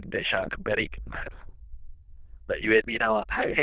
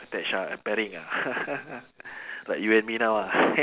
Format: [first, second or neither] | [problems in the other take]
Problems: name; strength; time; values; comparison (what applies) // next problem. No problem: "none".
second | noise reduction (neural diffusion model UNIVERSE++)